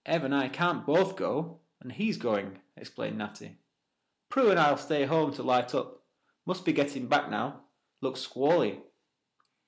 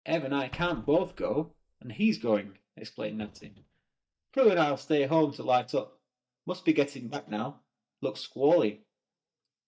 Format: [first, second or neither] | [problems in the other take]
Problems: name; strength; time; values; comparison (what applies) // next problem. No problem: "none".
first | noise reduction (neural mask model DeepFilterNet 3)